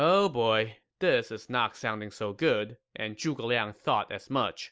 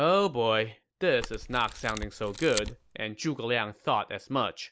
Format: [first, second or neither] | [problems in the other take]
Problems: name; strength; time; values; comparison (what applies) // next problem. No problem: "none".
first | background sound (Camera); 10 dB below the speech